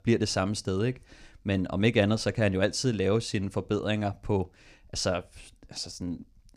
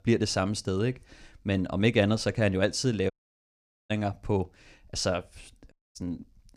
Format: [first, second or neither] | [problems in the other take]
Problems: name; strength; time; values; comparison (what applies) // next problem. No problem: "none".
first | audio cutting out; at 3 s for 1 s and at 5.5 s